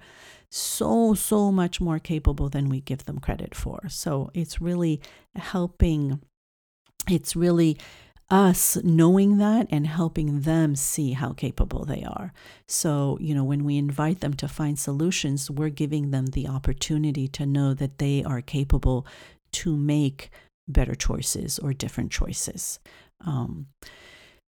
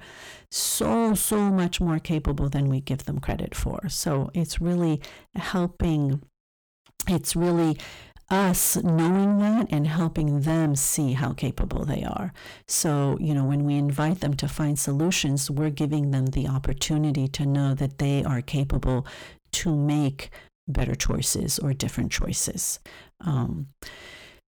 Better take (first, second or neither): first